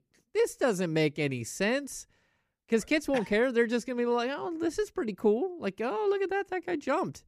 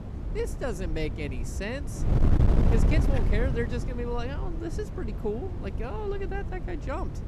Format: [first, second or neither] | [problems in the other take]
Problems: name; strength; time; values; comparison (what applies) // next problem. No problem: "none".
first | wind noise on the microphone; heavy; 5 dB below the speech